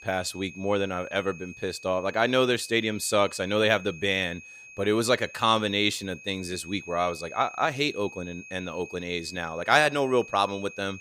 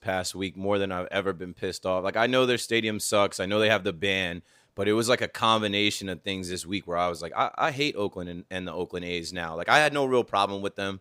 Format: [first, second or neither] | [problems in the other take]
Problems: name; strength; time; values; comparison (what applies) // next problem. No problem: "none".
second | high-pitched whine; noticeable; throughout; 2.5 kHz, 15 dB below the speech